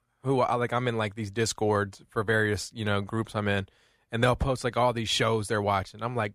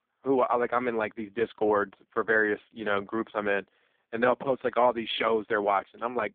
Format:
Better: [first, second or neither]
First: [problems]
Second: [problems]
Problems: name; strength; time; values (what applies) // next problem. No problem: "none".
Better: first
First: none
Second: phone-call audio; poor line; nothing above 3.5 kHz